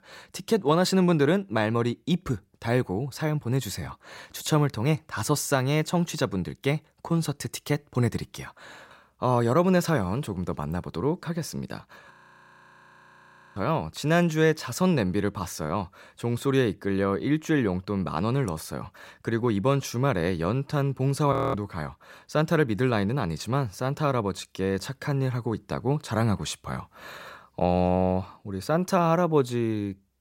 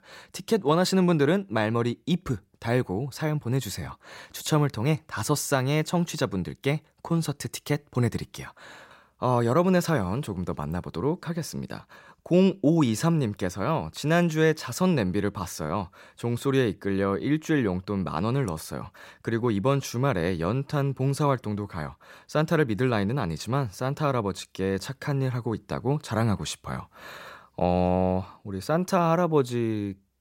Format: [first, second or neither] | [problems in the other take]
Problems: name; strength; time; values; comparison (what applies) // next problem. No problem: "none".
second | audio freezing; at 12 s for 1.5 s and at 21 s